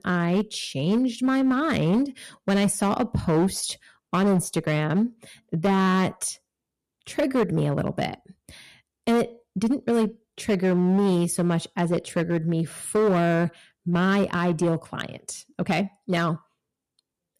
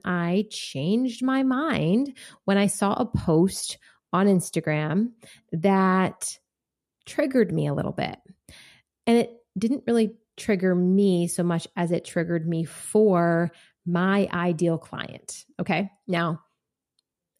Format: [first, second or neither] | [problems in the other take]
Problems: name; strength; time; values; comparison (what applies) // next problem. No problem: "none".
second | distortion; slight; 8% of the sound clipped